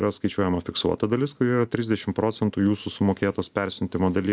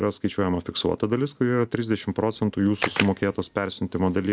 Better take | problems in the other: first | background sound (Camera); 7 dB below the speech

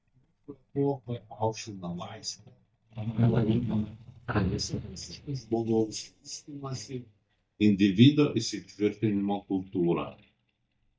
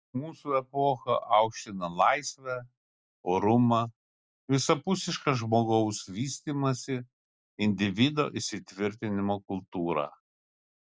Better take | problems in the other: second | noise reduction (neural mask model DeepFilterNet 3)

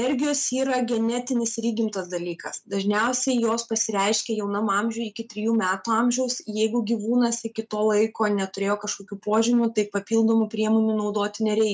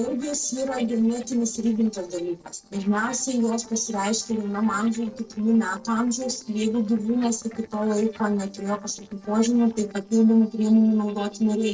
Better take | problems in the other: first | noise reduction (neural separator model SepFormer DNS4)

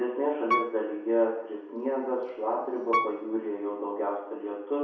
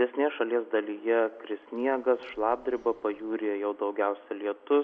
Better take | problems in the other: second | background sound (Piano); 5 dB below the speech // room echo; dies away in 0.7 s

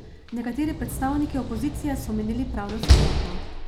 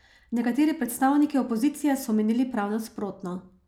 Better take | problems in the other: second | background sound (Slam); 4 dB above the speech

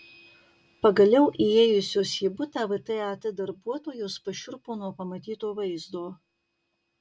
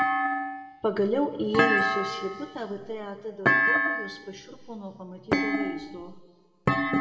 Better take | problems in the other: first | background sound (Thump, thud); 4 dB above the speech // room echo; dies away in 1.8 s

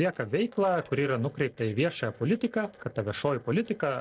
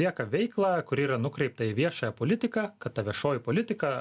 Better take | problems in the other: second | noise reduction (neural separator model SepFormer DNS4)

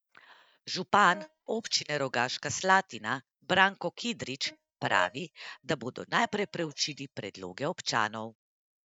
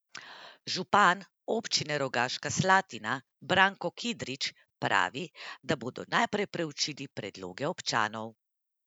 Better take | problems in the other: second | noise reduction (neural mask model DeepFilterNet 3)

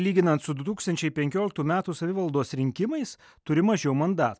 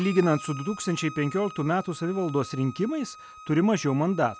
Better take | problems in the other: first | background sound (Bowed string instrument); 17 dB below the speech

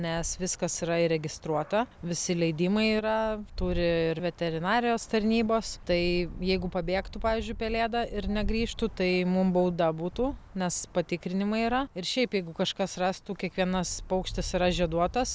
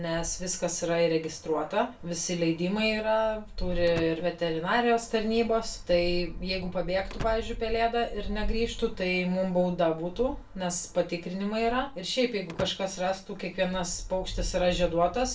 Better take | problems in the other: first | background sound (Slam / Wood); 17 dB below the speech // room echo; dies away in 0.3 s

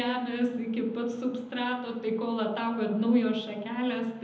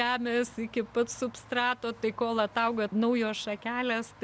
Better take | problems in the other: second | room echo; dies away in 0.8 s

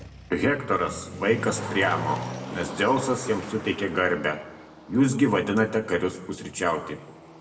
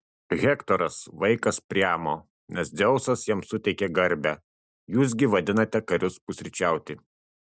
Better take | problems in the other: second | background sound (Motor vehicle (road)); 13 dB below the speech // room echo; dies away in 0.8 s

